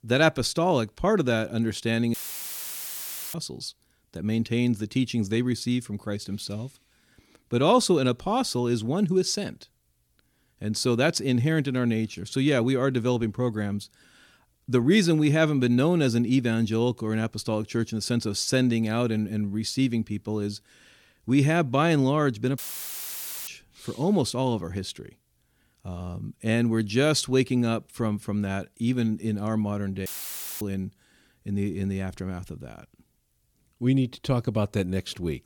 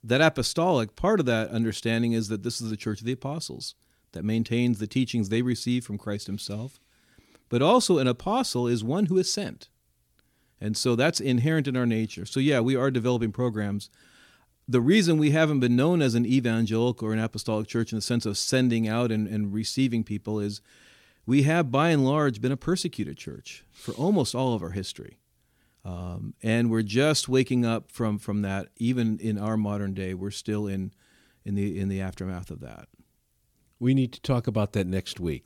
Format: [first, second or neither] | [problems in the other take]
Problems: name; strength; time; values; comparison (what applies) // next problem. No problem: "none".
second | audio cutting out; filled with static; at 2 s for 1 s, at 23 s for 1 s and at 30 s for 0.5 s